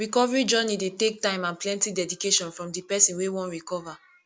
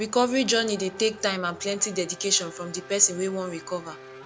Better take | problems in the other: first | background sound (Race car, auto racing / Accelerating, revving, vroom); 18 dB below the speech

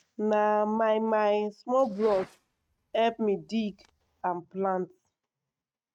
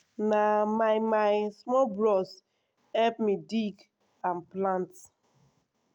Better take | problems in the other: second | noise reduction (neural mask model RNNoise)

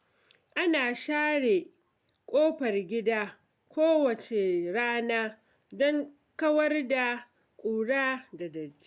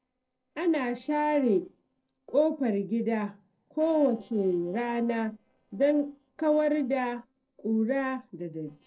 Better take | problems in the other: first | noise reduction (neural separator model SepFormer DNS4)

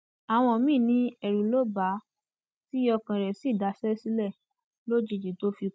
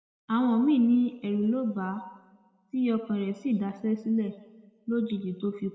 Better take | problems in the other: first | room echo; dies away in 1.2 s

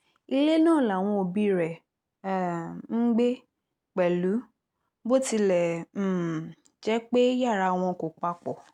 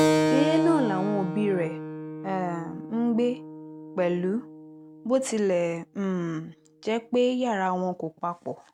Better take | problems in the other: first | background sound (Keyboard (musical)); 4 dB below the speech

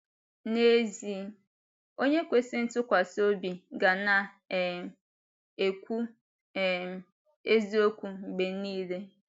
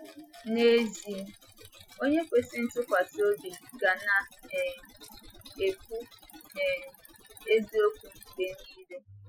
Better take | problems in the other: first | noise reduction (classical method Wiener filter)

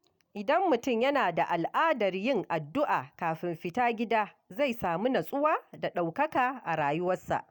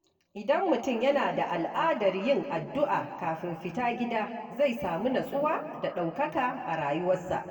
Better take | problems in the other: first | room echo; dies away in 1.7 s

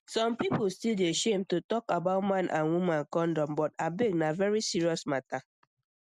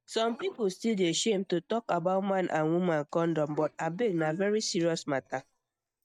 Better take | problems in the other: first | noise reduction (neural mask model DeepFilterNet 3)

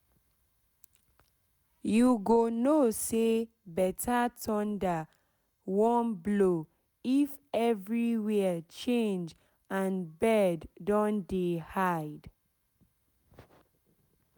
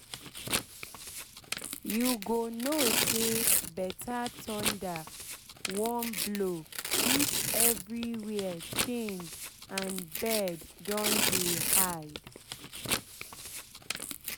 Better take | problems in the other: first | background sound (Tearing); 3 dB above the speech

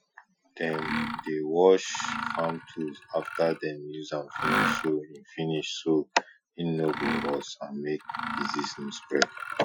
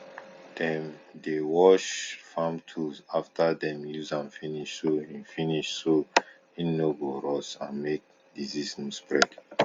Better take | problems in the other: second | noise reduction (classical method Wiener filter)

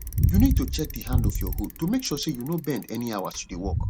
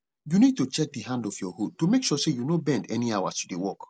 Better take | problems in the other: second | background sound (Bicycle); 2 dB above the speech

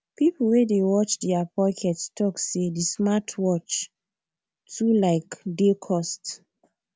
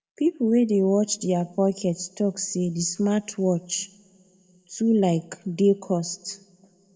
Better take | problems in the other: first | room echo; dies away in 1.5 s

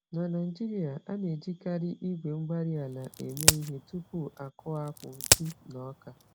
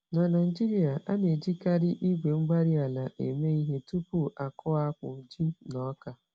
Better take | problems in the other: second | background sound (Crack); 4 dB above the speech

